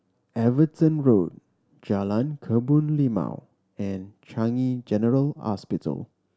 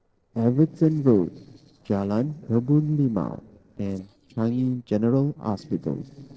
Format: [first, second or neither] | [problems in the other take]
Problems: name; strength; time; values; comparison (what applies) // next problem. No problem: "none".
first | noise reduction (neural separator model SepFormer DNS4)